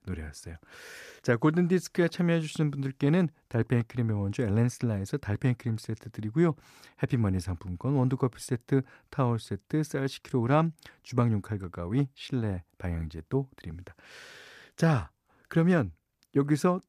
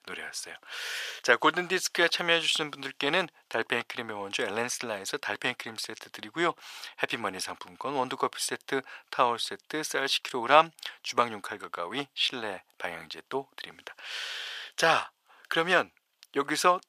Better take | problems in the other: first | thin; very; fading below 800 Hz

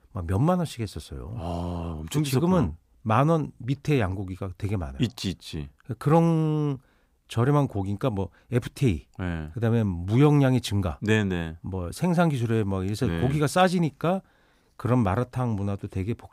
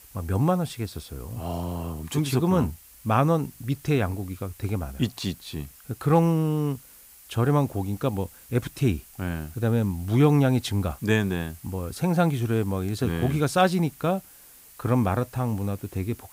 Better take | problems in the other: first | hiss; faint; throughout; 20 dB below the speech

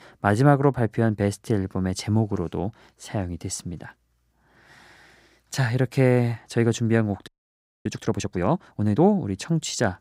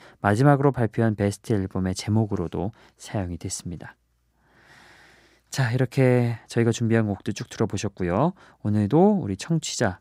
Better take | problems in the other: second | audio freezing; at 7.5 s for 0.5 s

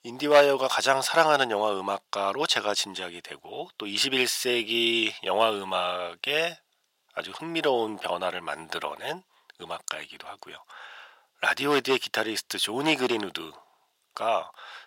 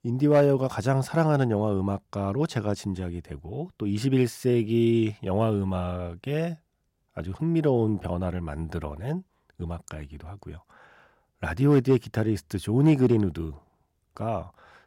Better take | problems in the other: second | thin; very; fading below 800 Hz

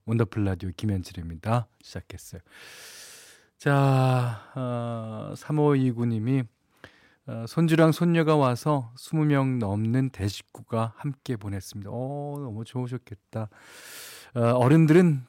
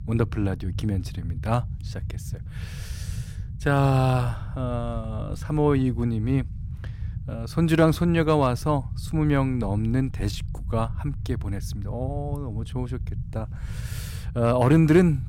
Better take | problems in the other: first | low rumble; faint; throughout; 20 dB below the speech

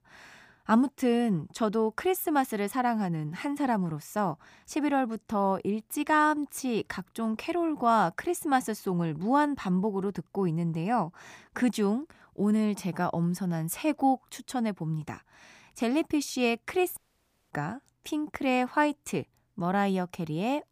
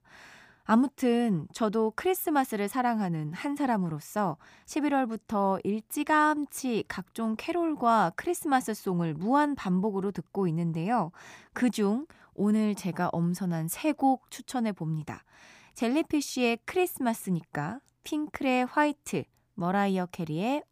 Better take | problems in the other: second | audio cutting out; at 17 s for 0.5 s

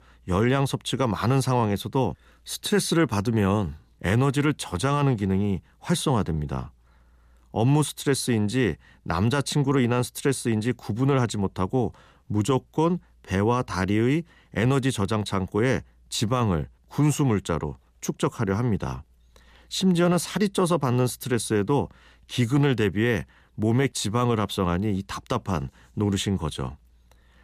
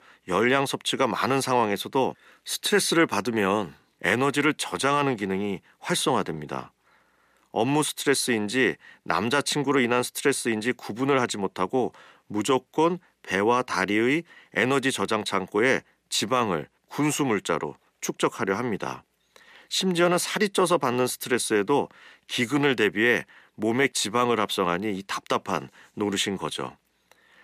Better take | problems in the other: first | thin; somewhat; fading below 300 Hz

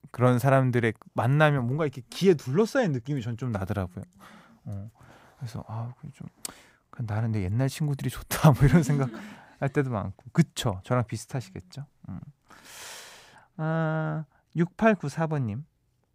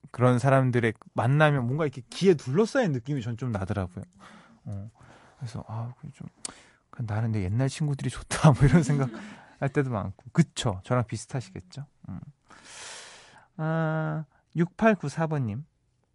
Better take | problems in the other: first | garbled, watery; slightly; nothing above 11 kHz

